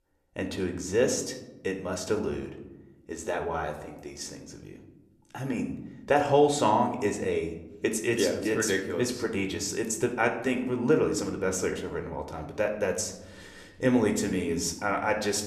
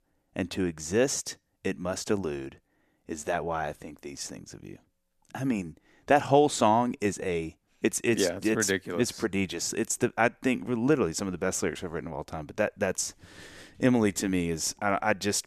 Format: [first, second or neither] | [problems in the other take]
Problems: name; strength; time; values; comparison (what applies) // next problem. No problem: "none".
second | room echo; slight; dies away in 0.7 s